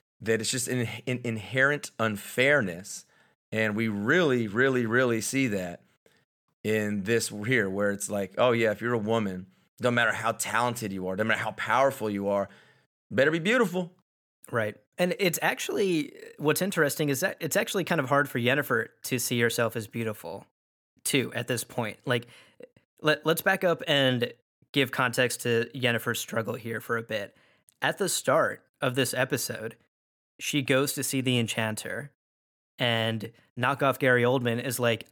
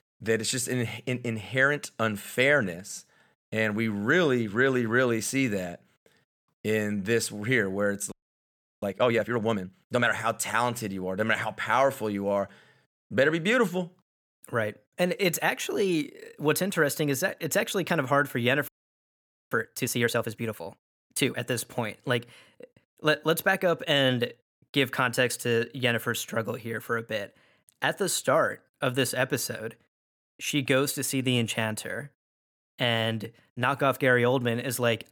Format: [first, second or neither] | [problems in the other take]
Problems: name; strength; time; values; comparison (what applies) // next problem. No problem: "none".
first | audio freezing; at 8 s for 0.5 s and at 19 s for 1 s